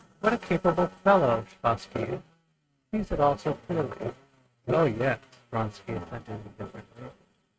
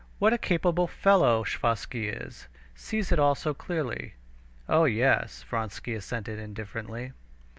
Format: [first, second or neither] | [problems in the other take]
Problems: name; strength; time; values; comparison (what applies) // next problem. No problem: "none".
second | noise reduction (neural mask model RNNoise)